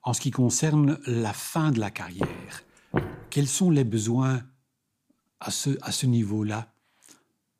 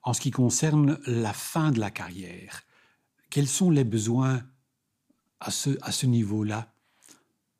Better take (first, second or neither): second